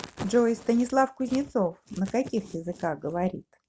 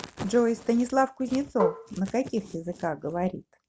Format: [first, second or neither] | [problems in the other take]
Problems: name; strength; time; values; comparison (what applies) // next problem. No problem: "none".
first | background sound (Marimba, xylophone); 5 dB below the speech